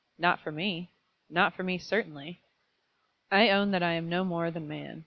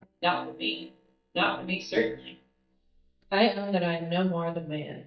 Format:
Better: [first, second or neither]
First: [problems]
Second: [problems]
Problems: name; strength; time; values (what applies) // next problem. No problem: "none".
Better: first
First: none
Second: noise reduction (neural mask model DeepFilterNet 3)